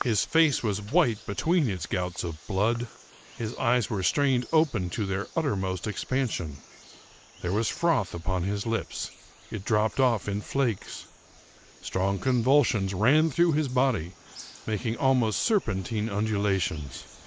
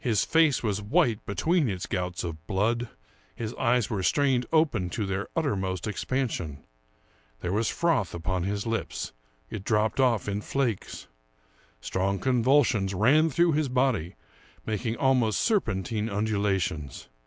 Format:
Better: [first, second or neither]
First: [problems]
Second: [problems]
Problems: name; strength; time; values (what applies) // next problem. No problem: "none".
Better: second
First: noise reduction (neural mask model Resemble Enhance denoiser)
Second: none